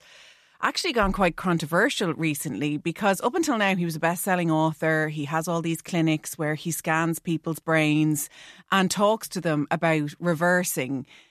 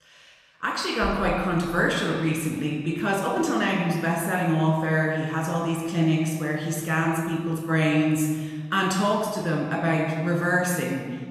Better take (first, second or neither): first